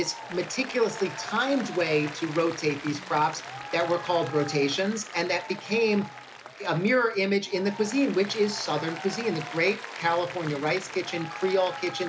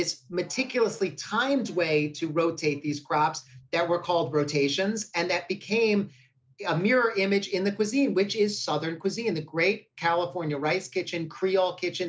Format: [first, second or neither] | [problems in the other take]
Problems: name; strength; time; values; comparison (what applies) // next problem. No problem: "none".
second | background sound (Applause); 12 dB below the speech